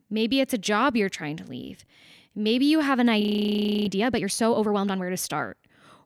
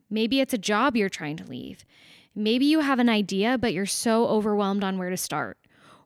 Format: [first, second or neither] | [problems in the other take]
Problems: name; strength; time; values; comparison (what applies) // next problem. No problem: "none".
second | audio freezing; at 3 s for 0.5 s